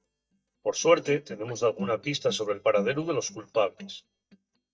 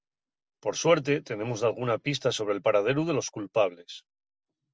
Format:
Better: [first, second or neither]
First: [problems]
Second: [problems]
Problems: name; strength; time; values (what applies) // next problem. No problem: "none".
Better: second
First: noise reduction (neural mask model DeepFilterNet 3)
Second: none